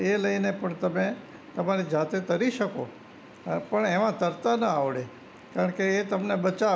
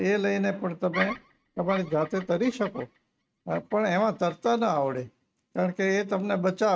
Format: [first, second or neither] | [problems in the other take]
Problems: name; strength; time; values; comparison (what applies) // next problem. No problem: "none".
first | noise reduction (neural mask model RNNoise)